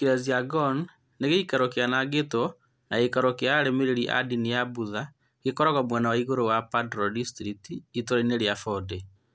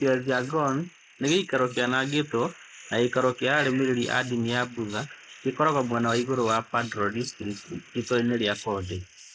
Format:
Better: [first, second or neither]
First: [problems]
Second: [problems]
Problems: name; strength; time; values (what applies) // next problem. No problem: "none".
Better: first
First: none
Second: noise reduction (neural mask model Resemble Enhance denoiser)